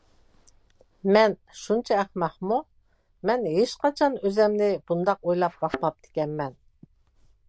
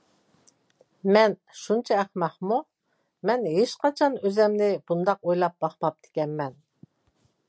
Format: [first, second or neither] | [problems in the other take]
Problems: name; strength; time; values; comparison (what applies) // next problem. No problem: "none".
second | noise reduction (neural diffusion model UNIVERSE++)